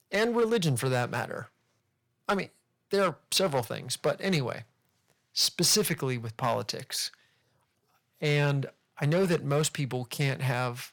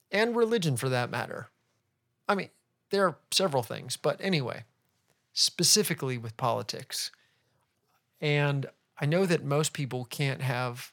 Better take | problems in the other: second | distortion; slight; 3% of the sound clipped

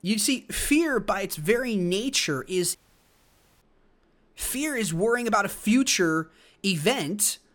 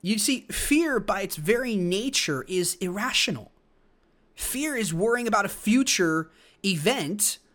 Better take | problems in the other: second | audio cutting out; at 3 s for 1 s

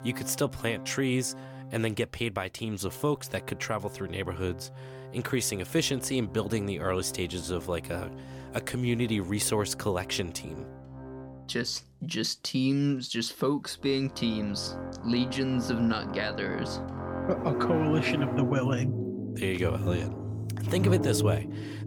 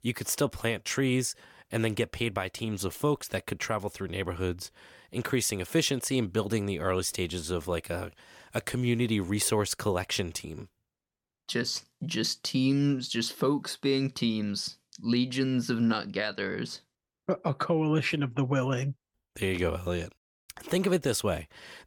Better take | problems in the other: second | background music; loud; throughout; 6 dB below the speech

